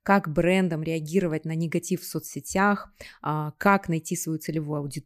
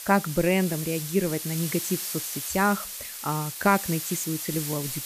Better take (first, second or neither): first